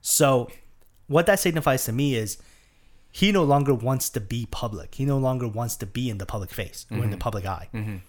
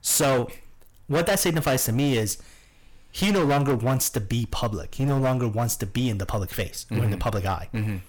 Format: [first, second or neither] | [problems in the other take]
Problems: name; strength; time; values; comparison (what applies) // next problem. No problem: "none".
first | distortion; heavy; 14% of the sound clipped